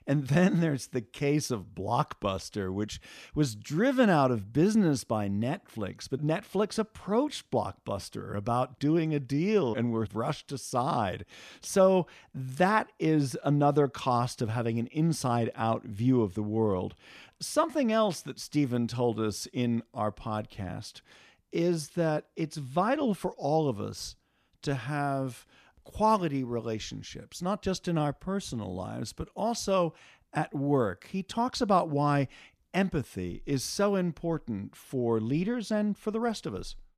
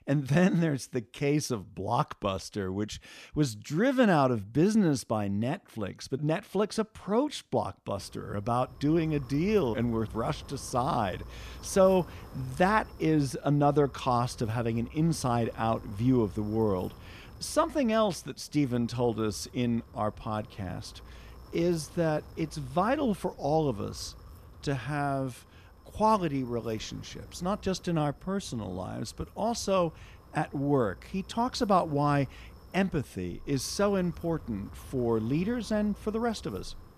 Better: first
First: none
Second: wind noise on the microphone; occasional gusts; from 8 s on; 25 dB below the speech

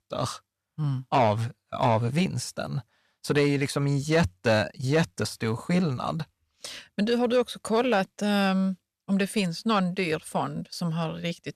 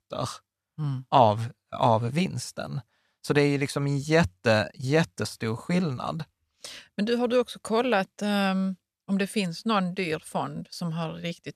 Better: second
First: distortion; slight; 10 dB below the speech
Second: none

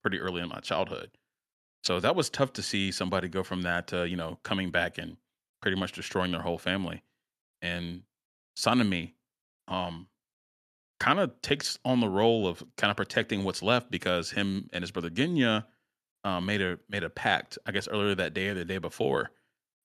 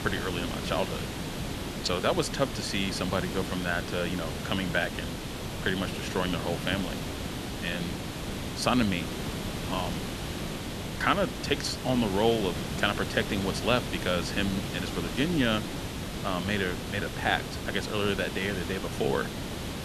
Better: first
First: none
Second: hiss; loud; throughout; 5 dB below the speech

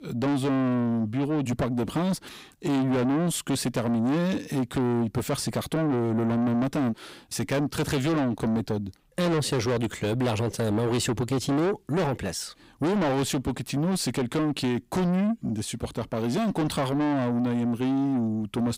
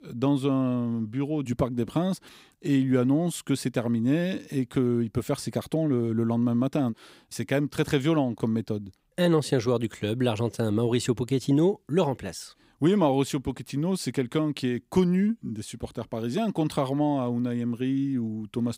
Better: second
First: distortion; heavy; 7 dB below the speech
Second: none

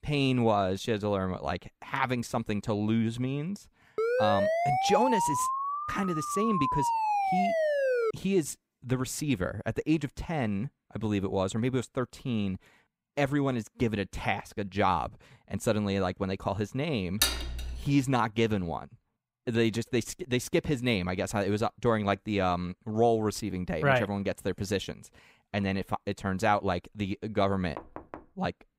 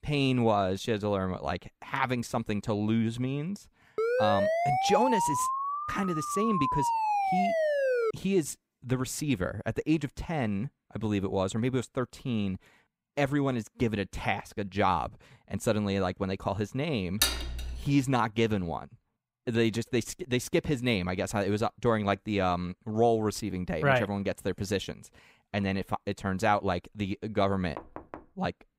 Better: neither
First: siren; loud; from 4 to 8 s; peak 3 dB above the speech // clattering dishes; loud; at 17 s; peak 3 dB above the speech // door banging; faint; at 28 s; peak 15 dB below the speech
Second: siren; loud; from 4 to 8 s; peak 3 dB above the speech // clattering dishes; loud; at 17 s; peak 3 dB above the speech // door banging; faint; at 28 s; peak 15 dB below the speech

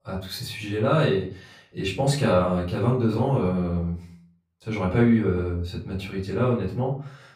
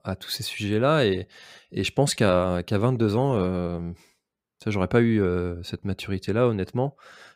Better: second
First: off-mic speech; far // room echo; slight; dies away in 0.4 s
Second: none

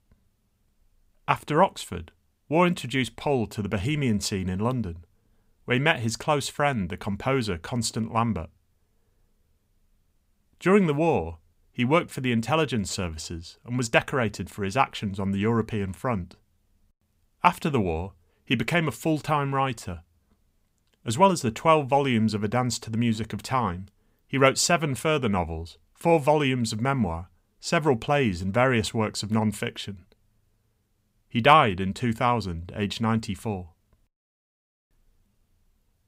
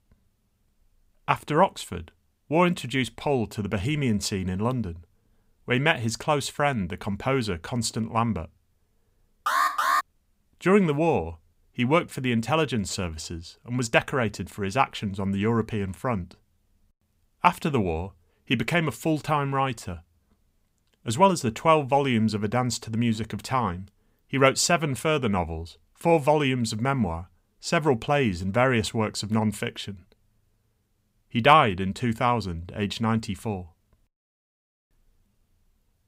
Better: first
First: none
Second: alarm; loud; at 9.5 s; peak 2 dB above the speech

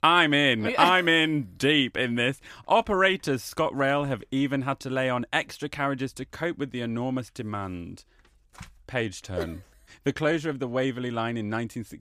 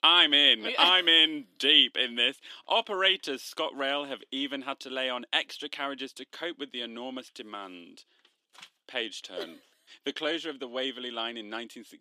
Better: first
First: none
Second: thin; very slightly; fading below 250 Hz

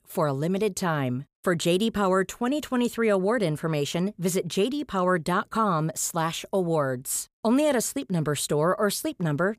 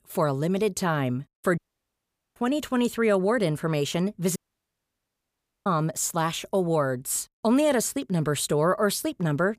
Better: first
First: none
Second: audio cutting out; at 1.5 s for 1 s and at 4.5 s for 1.5 s

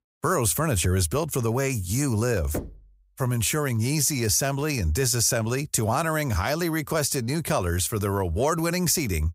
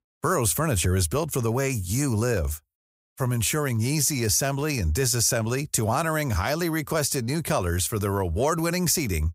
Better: second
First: door banging; faint; at 2.5 s; peak 10 dB below the speech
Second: none

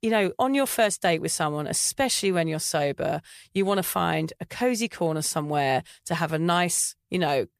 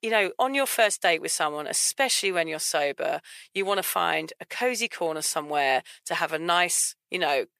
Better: first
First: none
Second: thin; somewhat; fading below 450 Hz

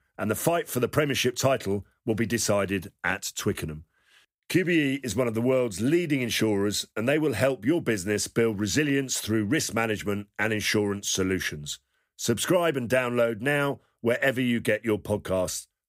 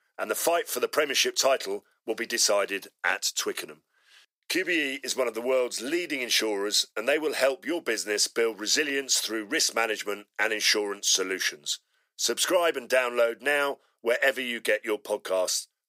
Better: first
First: none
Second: thin; somewhat; fading below 400 Hz

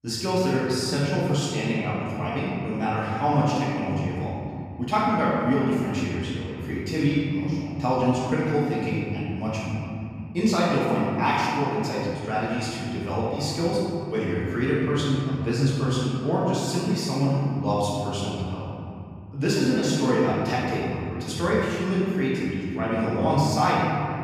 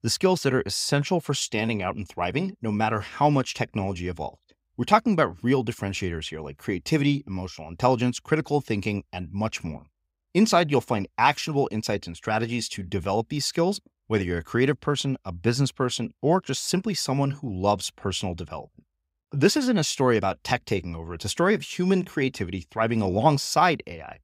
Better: second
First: room echo; strong; dies away in 2.8 s // off-mic speech; far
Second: none

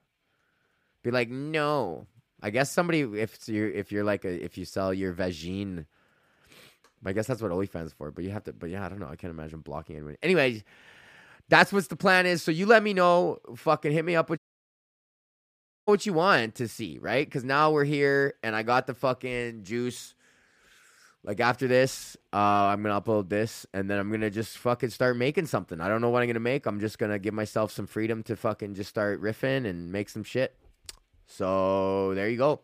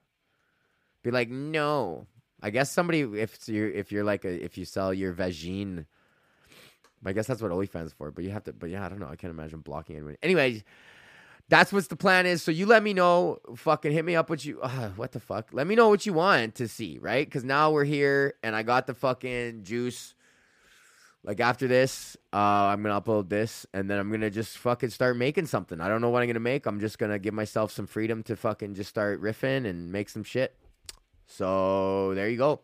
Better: second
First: audio cutting out; at 14 s for 1.5 s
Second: none

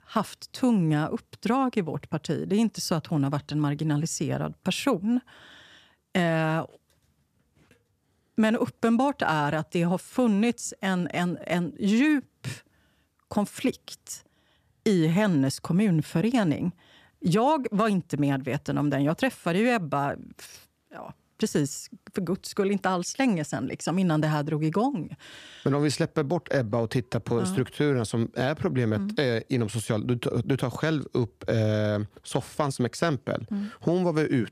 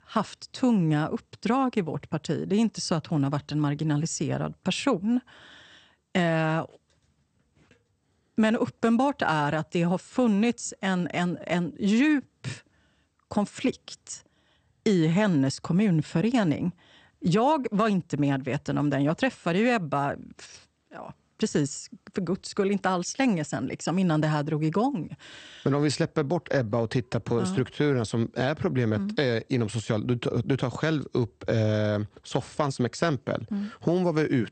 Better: first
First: none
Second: garbled, watery; slightly; nothing above 8.5 kHz

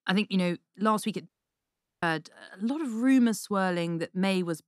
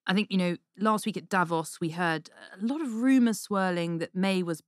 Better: second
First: audio cutting out; at 1.5 s for 0.5 s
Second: none

